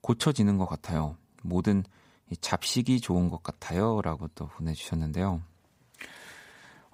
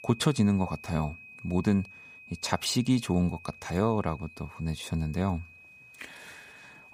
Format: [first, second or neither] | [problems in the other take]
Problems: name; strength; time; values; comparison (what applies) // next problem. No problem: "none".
first | high-pitched whine; noticeable; throughout; 2.5 kHz, 20 dB below the speech